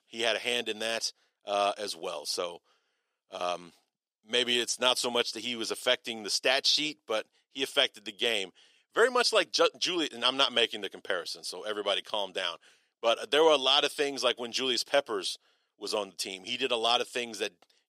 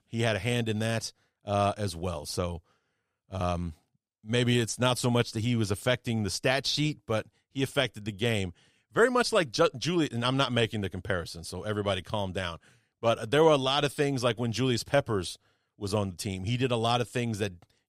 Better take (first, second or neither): second